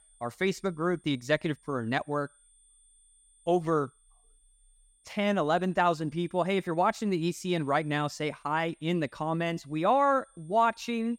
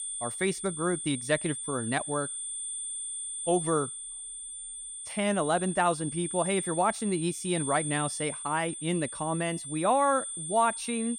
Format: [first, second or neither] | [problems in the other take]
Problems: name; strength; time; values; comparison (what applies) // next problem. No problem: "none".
first | high-pitched whine; loud; throughout; 9 kHz, 5 dB below the speech; faint in the first